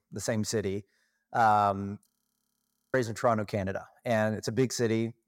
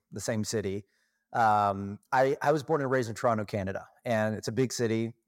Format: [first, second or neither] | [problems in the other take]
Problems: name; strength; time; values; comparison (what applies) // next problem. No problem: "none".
second | audio freezing; at 2 s for 1 s